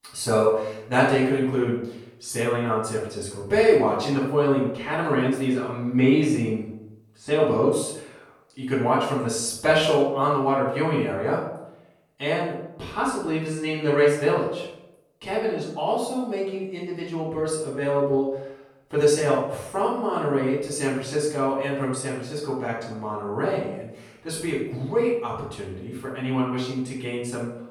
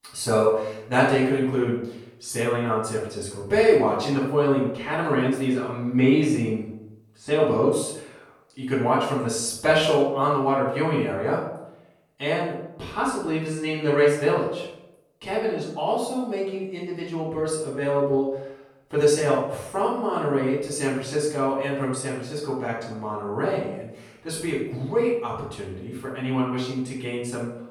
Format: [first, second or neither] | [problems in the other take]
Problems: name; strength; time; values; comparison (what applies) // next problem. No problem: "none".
neither | room echo; noticeable; dies away in 0.6 s; the same in both // off-mic speech; far; the same in both